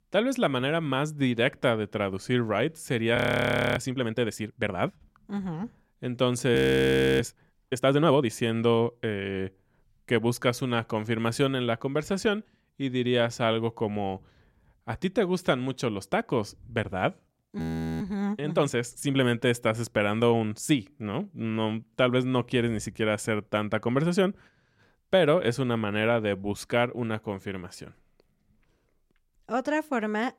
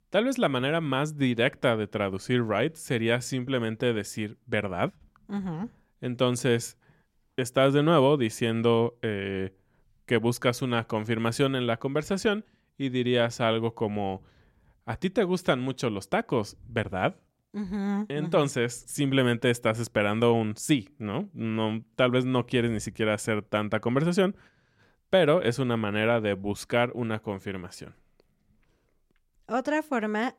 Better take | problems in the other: second | audio freezing; at 3 s for 0.5 s, at 6.5 s for 0.5 s and at 18 s

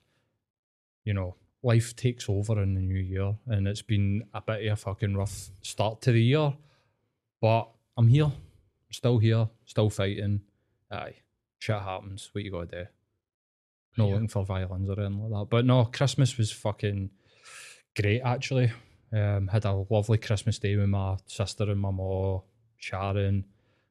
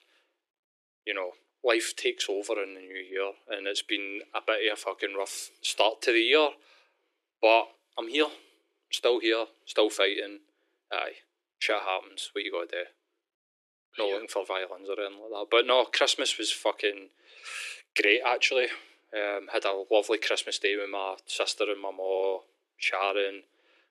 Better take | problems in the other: first | thin; very; fading below 300 Hz

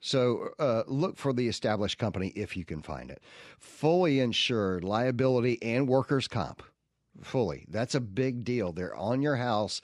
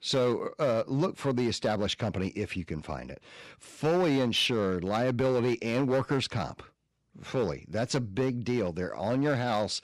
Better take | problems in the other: first | distortion; slight; 6% of the sound clipped

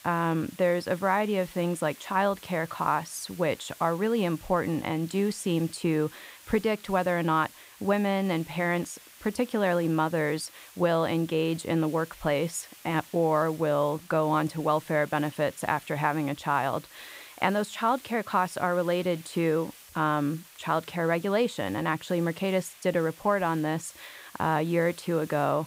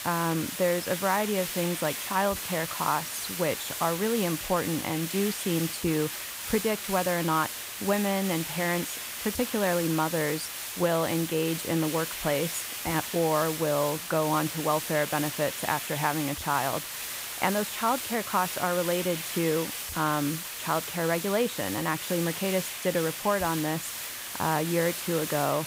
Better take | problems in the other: first | hiss; loud; throughout; 4 dB below the speech; faint in the first

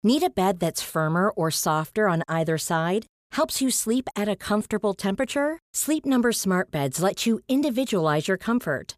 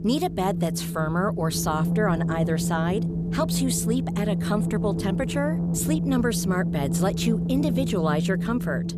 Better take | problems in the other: first | wind noise on the microphone; heavy; 7 dB below the speech

